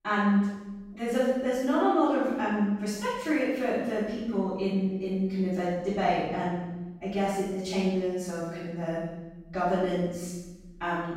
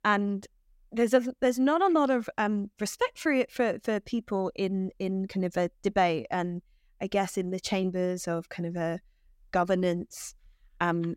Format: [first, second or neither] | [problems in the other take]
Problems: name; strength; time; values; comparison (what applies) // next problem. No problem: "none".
second | room echo; strong; dies away in 1.1 s // off-mic speech; far